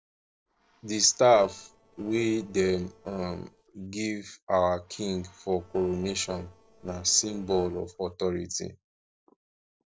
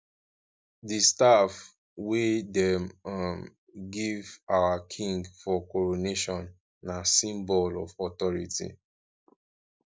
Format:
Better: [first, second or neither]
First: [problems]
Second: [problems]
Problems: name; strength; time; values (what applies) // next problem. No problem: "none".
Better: second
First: noise reduction (neural separator model SepFormer DNS4)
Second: none